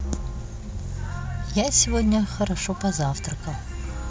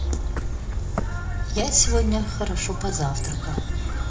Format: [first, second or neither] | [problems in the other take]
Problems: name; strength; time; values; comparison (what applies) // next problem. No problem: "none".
first | background sound (Bird); 5 dB below the speech // room echo; dies away in 0.5 s